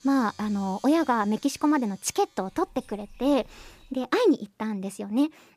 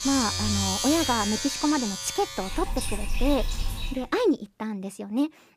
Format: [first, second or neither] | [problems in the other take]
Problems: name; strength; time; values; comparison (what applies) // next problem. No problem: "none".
first | household noises; loud; until 4 s; 2 dB below the speech; faint in the first